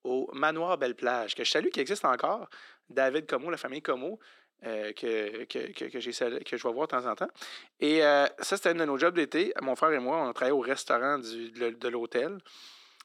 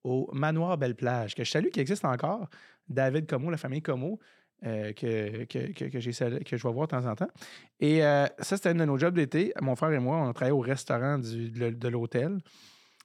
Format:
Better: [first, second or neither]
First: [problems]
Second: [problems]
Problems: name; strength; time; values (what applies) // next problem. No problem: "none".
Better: second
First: thin; somewhat; fading below 300 Hz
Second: none